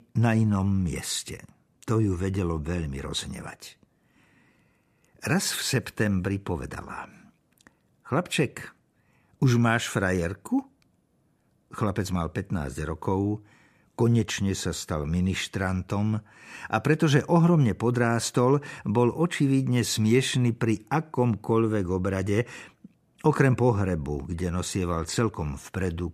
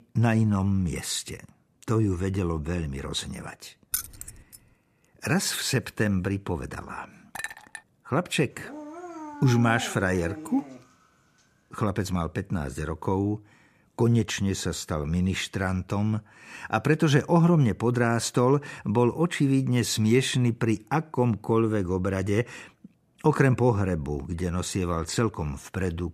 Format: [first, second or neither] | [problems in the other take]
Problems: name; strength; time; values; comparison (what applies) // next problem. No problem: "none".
first | jangling keys; noticeable; at 4 s; peak 5 dB below the speech // clattering dishes; faint; at 7.5 s; peak 10 dB below the speech // dog barking; noticeable; from 8.5 to 11 s; peak 9 dB below the speech